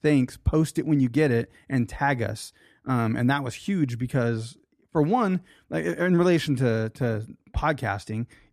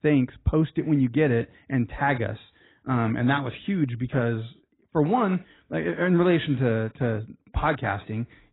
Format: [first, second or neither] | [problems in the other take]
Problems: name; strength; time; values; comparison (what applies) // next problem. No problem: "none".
first | garbled, watery; badly; nothing above 4 kHz